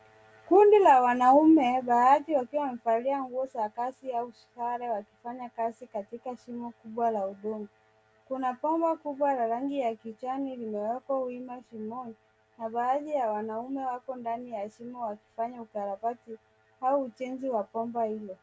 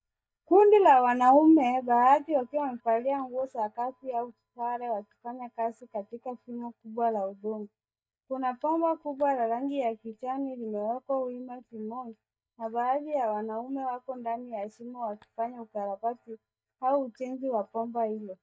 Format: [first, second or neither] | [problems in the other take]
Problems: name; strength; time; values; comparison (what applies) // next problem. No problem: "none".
first | noise reduction (neural mask model DeepFilterNet 3)